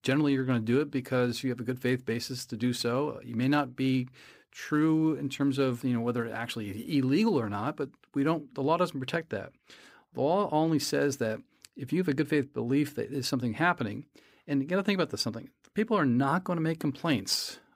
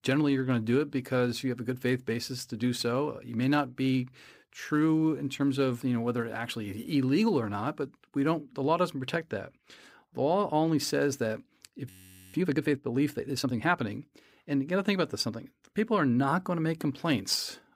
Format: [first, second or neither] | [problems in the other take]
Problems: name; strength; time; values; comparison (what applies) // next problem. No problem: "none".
first | audio freezing; at 12 s